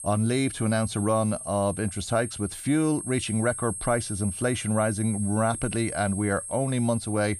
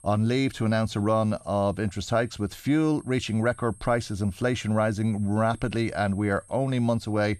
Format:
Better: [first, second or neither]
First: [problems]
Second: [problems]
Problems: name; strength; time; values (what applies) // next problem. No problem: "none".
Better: second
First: high-pitched whine; loud; throughout; 8.5 kHz, 8 dB below the speech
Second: high-pitched whine; faint; throughout; 8.5 kHz, 25 dB below the speech